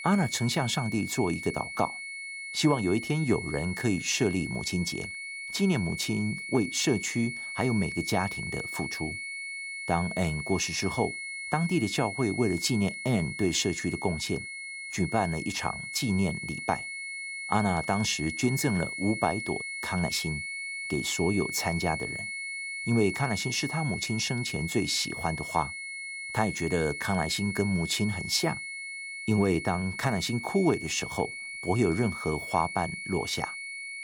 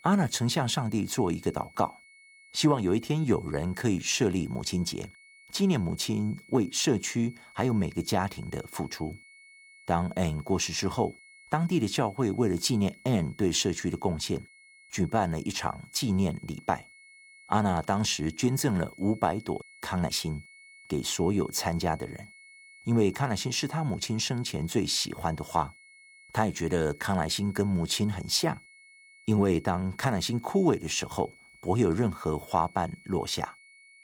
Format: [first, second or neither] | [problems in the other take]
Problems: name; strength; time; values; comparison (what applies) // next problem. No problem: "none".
second | high-pitched whine; loud; throughout; 2 kHz, 6 dB below the speech; faint in the second